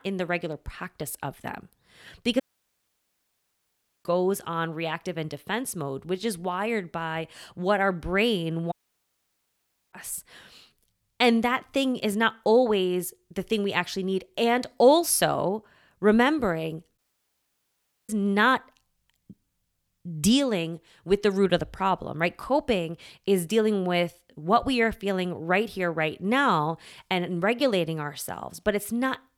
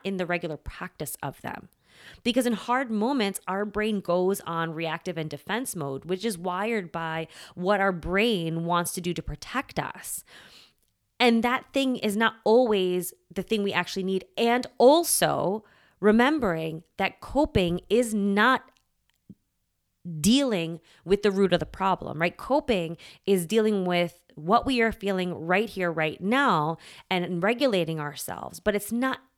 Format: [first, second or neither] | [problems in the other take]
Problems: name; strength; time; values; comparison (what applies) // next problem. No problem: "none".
second | audio cutting out; at 2.5 s for 1.5 s, at 8.5 s for 1 s and at 17 s for 1 s